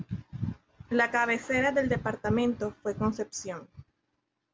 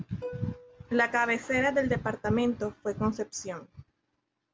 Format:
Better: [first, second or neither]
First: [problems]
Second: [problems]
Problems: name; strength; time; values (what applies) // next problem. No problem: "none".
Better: first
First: none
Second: background sound (Plucked string instrument); 16 dB below the speech